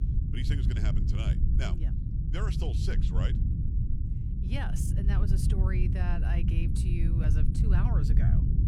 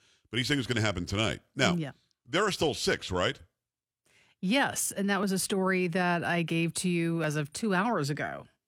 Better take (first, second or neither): second